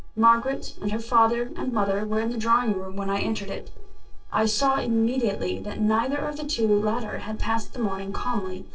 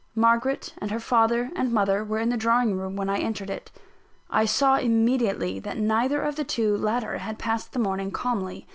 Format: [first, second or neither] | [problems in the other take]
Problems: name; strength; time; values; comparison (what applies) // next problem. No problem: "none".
second | noise reduction (neural separator model SepFormer DNS4)